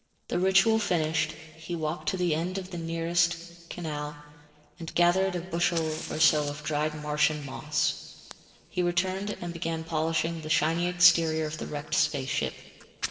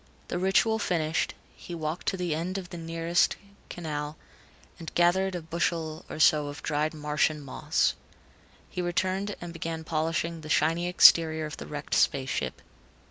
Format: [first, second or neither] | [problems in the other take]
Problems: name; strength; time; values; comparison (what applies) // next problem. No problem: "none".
second | noise reduction (neural separator model SepFormer DNS4)